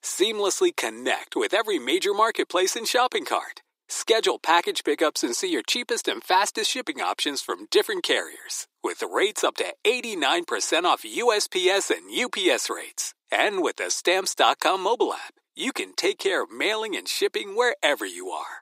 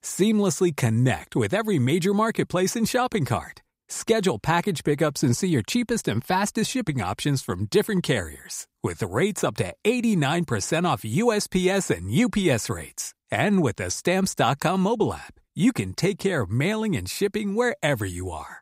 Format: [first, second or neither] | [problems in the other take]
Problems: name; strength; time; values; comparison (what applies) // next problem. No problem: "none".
second | thin; very; fading below 300 Hz